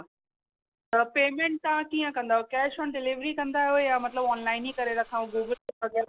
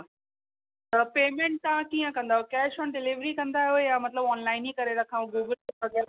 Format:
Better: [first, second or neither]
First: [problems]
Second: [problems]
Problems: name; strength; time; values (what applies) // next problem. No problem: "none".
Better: second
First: noise reduction (neural separator model SepFormer DNS4)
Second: none